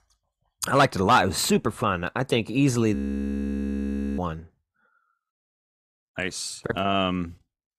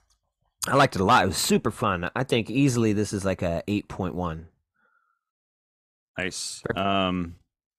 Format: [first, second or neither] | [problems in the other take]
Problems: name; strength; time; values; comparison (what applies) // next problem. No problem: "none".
second | audio freezing; at 3 s for 1 s